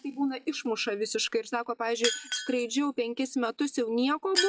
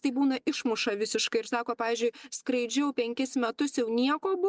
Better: second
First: noise reduction (classical method log-MMSE)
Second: none

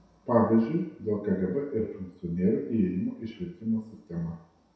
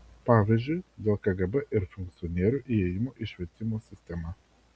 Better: second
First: room echo; dies away in 0.7 s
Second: none

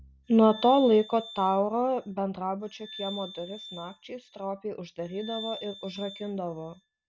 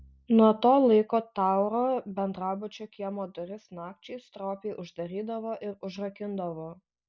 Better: second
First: background sound (Glass); 17 dB below the speech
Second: none

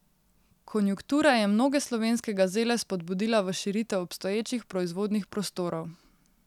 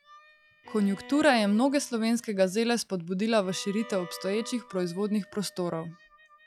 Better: first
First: none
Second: noise reduction (classical method log-MMSE)

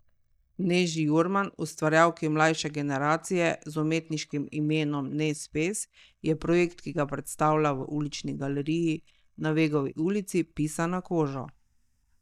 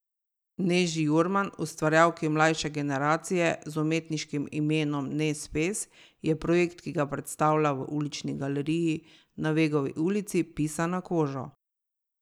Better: second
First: noise reduction (neural mask model DeepFilterNet 3)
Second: none

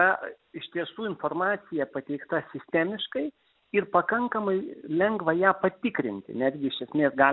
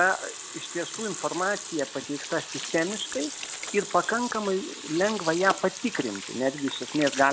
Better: first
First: none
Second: background sound (Sink (filling or washing) / Water tap, faucet); 9 dB below the speech

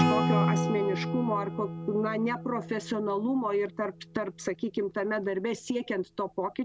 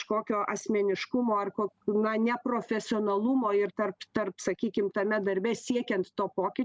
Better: second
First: background sound (Acoustic guitar / Strum); 2 dB below the speech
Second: none

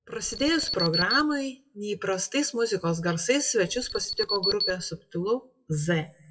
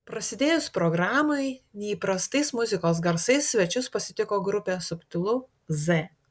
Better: second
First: noise reduction (classical method WPE with log-MMSE)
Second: none

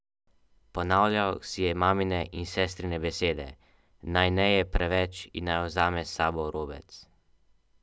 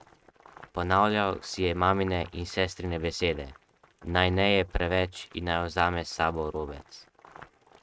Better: first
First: none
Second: noise reduction (neural mask model RNNoise)

